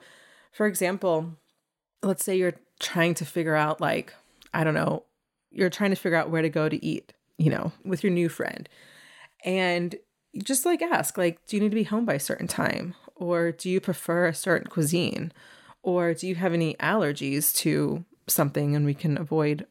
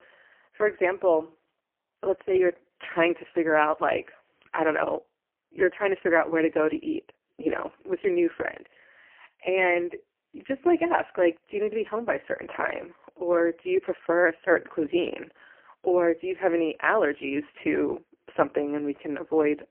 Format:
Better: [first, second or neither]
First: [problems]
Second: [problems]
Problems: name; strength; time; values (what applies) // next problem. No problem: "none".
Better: first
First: none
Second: phone-call audio; poor line; nothing above 3 kHz